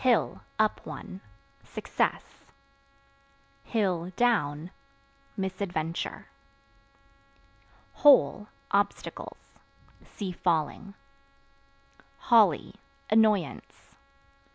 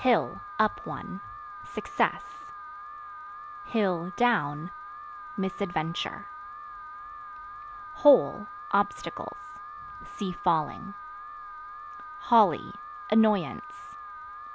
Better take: first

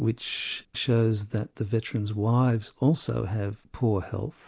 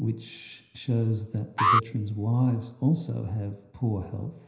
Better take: first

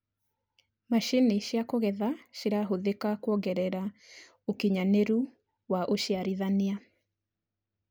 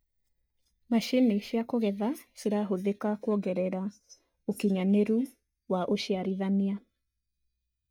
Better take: first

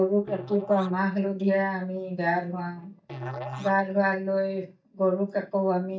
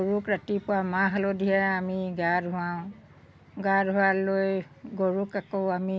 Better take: second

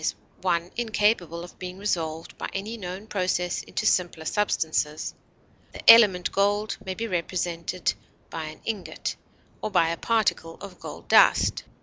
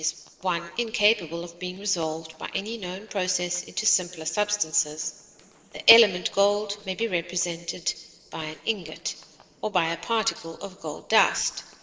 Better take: first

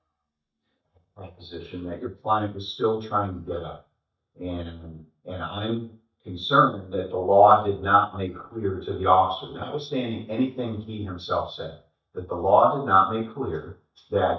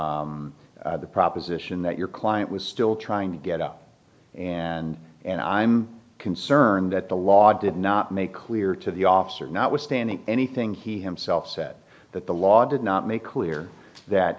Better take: second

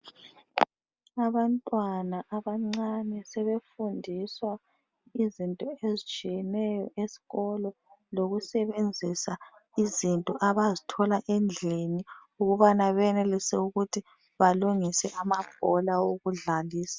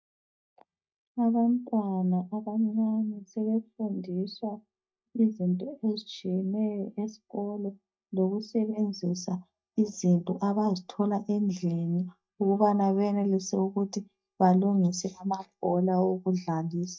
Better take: first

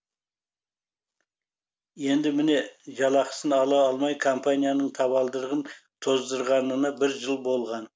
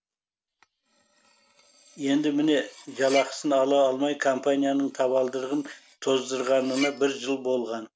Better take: first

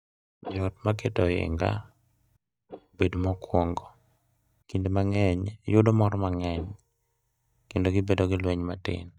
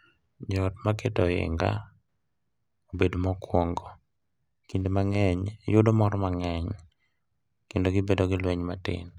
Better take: second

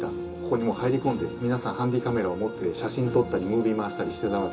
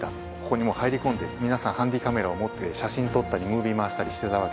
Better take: second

